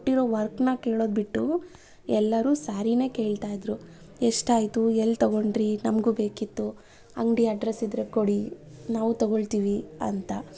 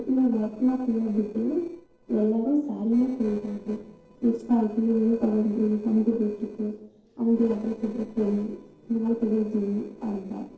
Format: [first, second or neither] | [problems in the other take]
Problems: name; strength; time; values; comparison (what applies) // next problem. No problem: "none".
first | noise reduction (neural separator model SepFormer DNS4)